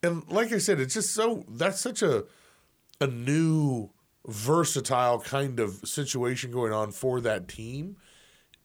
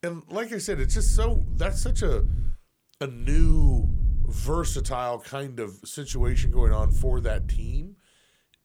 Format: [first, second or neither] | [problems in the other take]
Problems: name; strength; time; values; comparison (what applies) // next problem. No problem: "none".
first | low rumble; noticeable; from 1 to 2.5 s, from 3.5 to 5 s and from 6 to 8 s; 15 dB below the speech